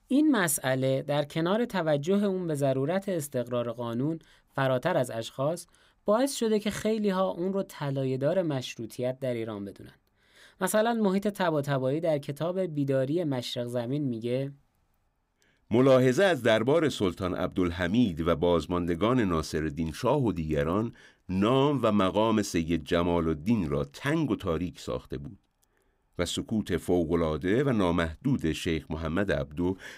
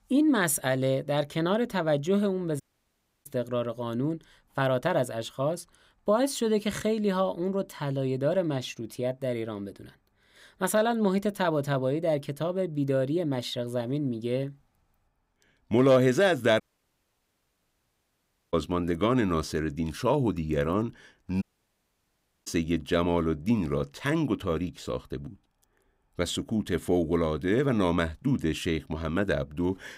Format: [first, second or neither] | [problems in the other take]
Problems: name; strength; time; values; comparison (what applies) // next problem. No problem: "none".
first | audio cutting out; at 2.5 s for 0.5 s, at 17 s for 2 s and at 21 s for 1 s